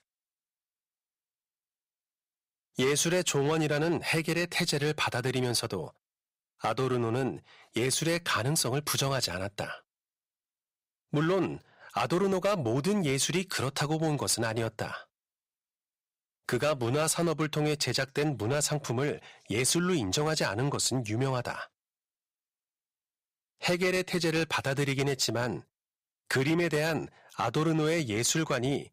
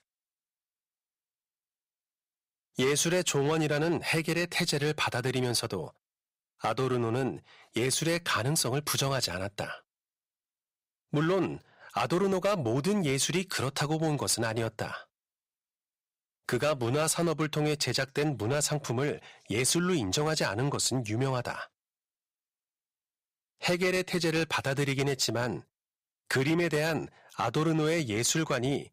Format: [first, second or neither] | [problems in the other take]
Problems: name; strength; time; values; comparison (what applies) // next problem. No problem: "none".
neither | distortion; slight; 5% of the sound clipped; the same in both